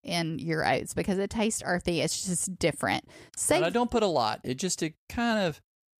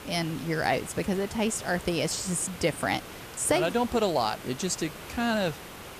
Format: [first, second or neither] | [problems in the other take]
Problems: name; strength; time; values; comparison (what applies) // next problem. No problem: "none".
first | hiss; noticeable; throughout; 15 dB below the speech